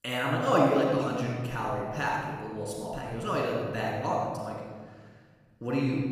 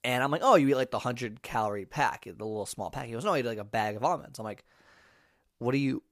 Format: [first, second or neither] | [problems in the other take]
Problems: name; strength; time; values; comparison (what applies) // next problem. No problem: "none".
second | room echo; noticeable; dies away in 1.6 s // off-mic speech; far